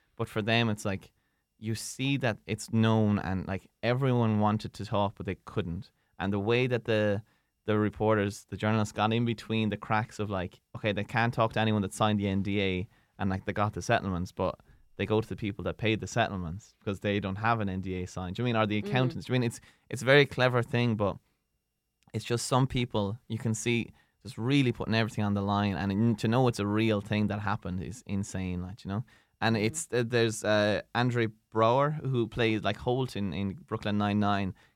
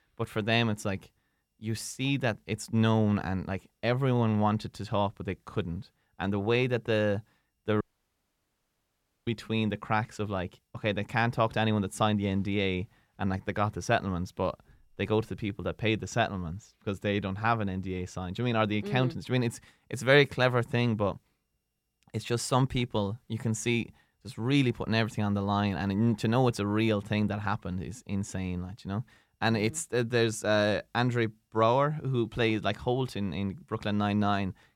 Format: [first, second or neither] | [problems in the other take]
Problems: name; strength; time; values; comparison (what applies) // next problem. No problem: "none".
first | audio cutting out; at 8 s for 1.5 s